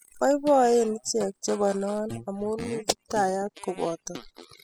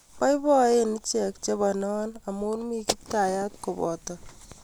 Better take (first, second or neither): second